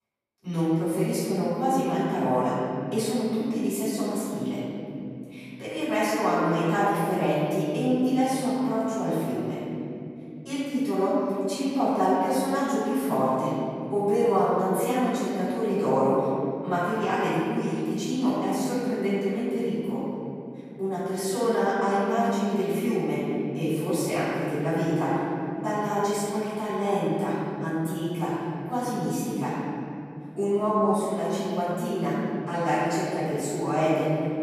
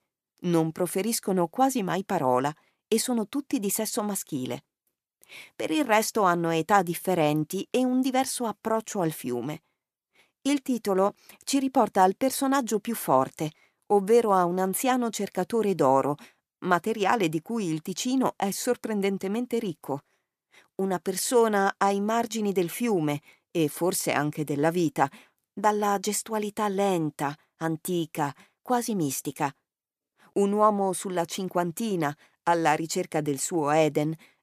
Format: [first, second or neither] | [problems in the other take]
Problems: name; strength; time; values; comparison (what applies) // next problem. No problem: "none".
second | room echo; strong; dies away in 3 s // off-mic speech; far